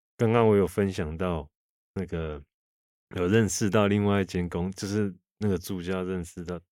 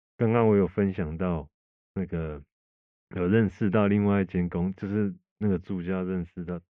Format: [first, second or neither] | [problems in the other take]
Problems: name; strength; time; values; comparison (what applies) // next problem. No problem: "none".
first | muffled; very; fading above 2.5 kHz